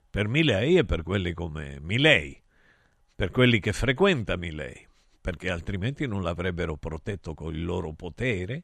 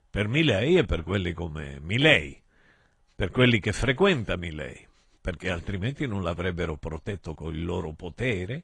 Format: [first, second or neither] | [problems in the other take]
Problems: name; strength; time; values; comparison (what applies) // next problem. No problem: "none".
first | garbled, watery; slightly